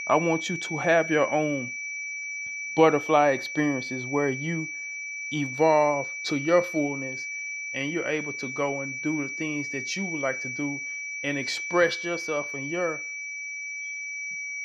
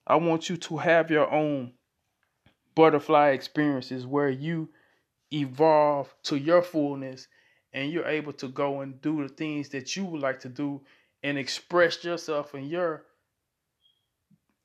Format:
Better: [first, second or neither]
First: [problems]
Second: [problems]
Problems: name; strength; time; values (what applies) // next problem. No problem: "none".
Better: second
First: high-pitched whine; loud; throughout; 2.5 kHz, 5 dB below the speech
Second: none